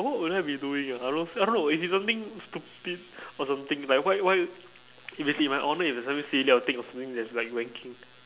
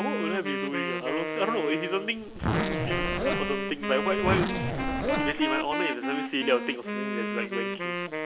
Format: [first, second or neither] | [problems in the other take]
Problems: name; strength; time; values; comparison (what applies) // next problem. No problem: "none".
first | background sound (Zipper (clothing) + Wind instrument, woodwind instrument); 1 dB above the speech